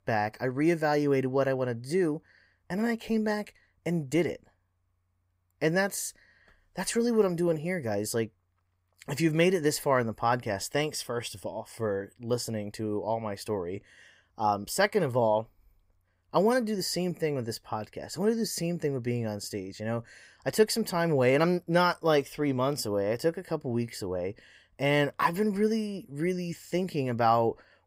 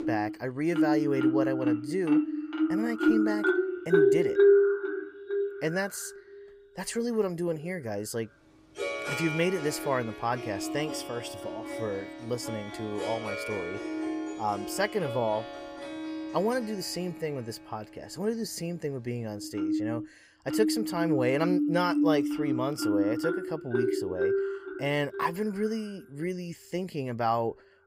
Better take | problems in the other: first | background music; very loud; throughout; 2 dB above the speech

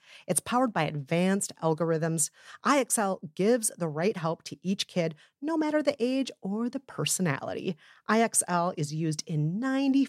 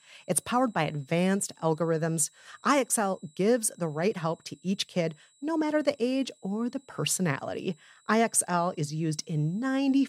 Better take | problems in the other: first | high-pitched whine; faint; throughout; 7.5 kHz, 30 dB below the speech

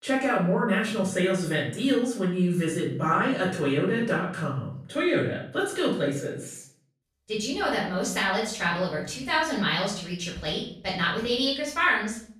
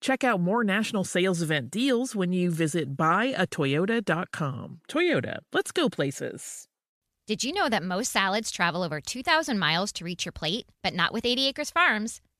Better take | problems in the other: second | off-mic speech; far // room echo; noticeable; dies away in 0.5 s

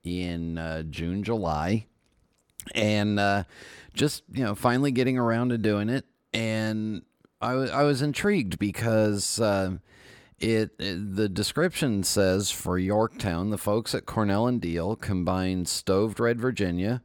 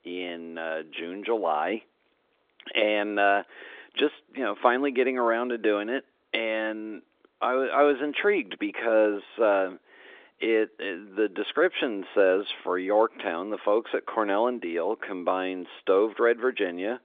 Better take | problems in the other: first | phone-call audio; nothing above 3.5 kHz

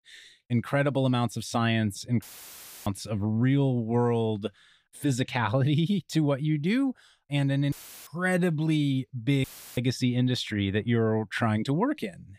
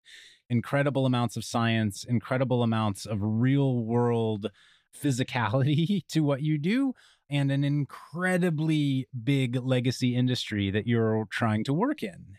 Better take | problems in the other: second | audio cutting out; filled with static; at 2 s for 0.5 s, at 7.5 s and at 9.5 s

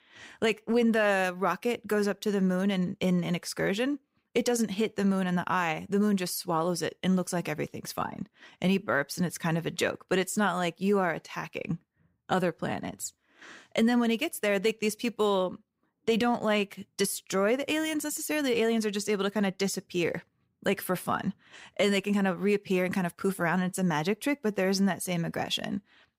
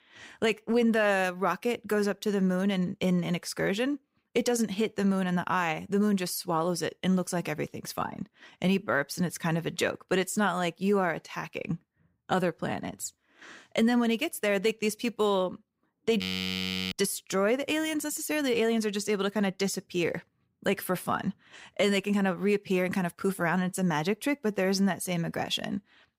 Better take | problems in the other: first | audio freezing; at 16 s for 0.5 s

